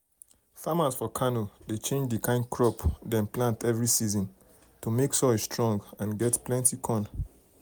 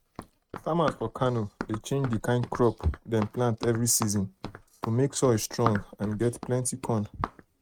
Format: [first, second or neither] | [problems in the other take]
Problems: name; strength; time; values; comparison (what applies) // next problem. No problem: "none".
first | noise reduction (neural mask model RNNoise)